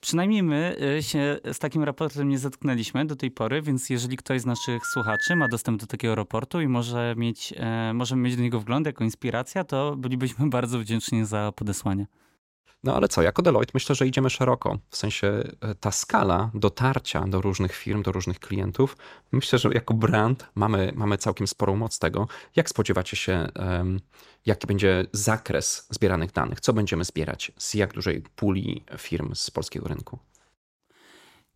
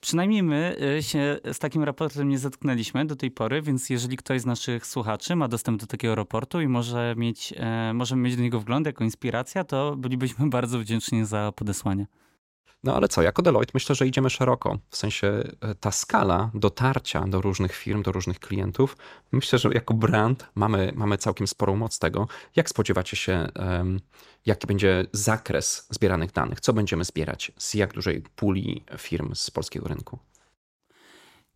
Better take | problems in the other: second | phone ringing; loud; at 4.5 s; peak 1 dB above the speech

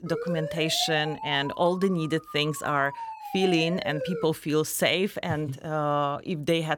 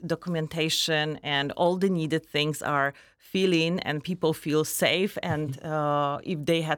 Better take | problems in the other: second | siren; noticeable; until 4.5 s; peak 7 dB below the speech

